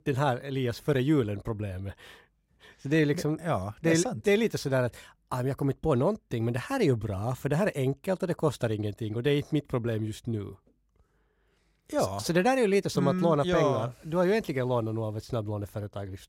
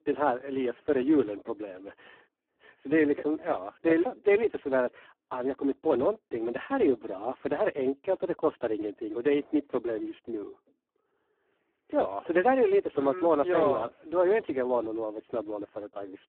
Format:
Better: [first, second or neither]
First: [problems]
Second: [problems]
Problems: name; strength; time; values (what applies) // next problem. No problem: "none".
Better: first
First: none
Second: phone-call audio; poor line; nothing above 3.5 kHz